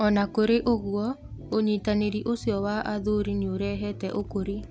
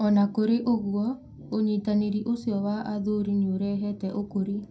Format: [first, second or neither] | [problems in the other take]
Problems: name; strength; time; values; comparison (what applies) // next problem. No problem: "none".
first | room echo; dies away in 0.2 s